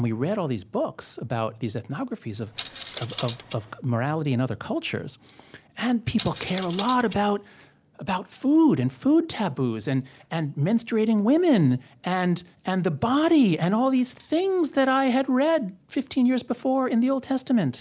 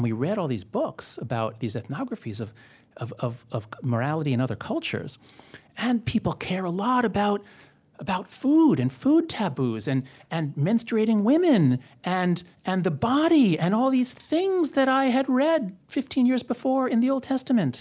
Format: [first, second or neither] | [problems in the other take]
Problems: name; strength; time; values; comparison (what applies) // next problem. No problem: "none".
second | background sound (Coin (dropping)); 15 dB below the speech